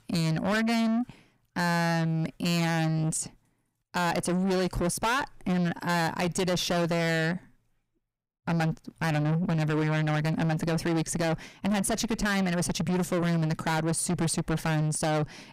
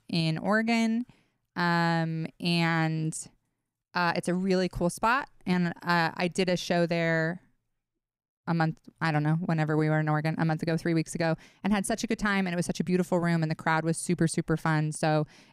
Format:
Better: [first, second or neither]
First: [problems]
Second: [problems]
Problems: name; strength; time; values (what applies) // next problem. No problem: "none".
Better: second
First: distortion; heavy; 6 dB below the speech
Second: none